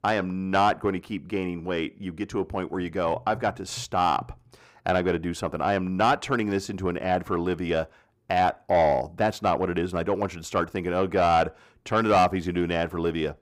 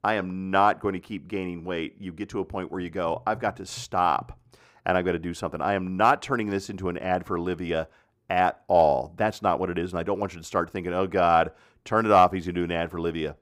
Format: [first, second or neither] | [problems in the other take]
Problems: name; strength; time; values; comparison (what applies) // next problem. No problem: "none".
second | distortion; slight; 10 dB below the speech